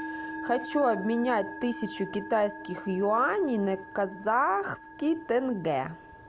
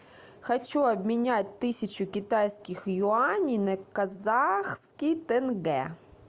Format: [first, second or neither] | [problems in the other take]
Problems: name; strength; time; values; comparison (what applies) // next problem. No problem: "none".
second | background sound (Musical instrument); 12 dB below the speech